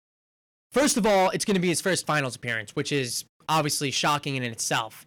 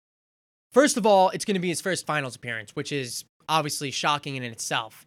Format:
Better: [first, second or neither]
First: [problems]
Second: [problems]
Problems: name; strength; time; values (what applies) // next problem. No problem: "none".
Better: second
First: distortion; heavy; 7% of the sound clipped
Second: none